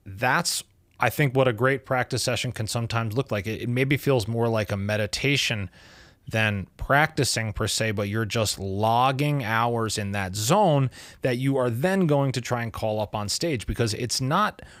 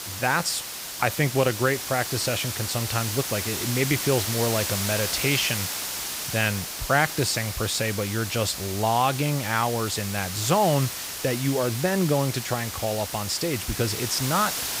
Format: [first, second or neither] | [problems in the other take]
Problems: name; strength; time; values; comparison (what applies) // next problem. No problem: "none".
first | hiss; loud; throughout; 4 dB below the speech